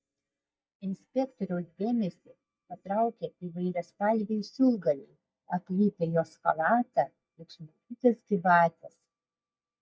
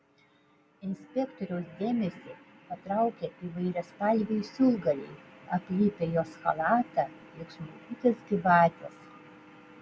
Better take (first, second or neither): second